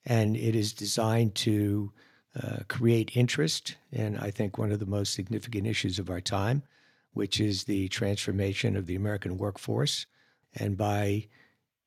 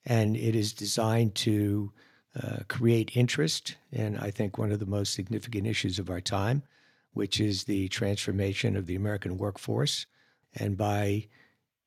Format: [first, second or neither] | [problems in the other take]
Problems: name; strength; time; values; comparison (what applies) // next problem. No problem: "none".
neither | none